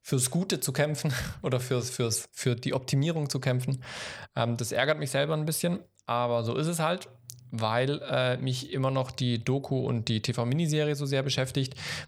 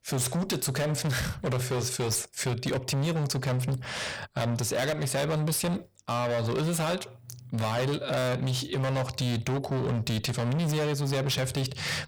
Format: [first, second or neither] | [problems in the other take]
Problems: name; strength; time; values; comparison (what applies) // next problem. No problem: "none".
first | distortion; heavy; 30% of the sound clipped